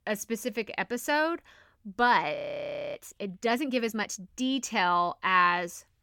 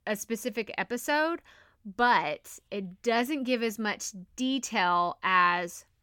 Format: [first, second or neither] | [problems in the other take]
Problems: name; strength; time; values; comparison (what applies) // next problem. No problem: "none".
second | audio freezing; at 2.5 s for 0.5 s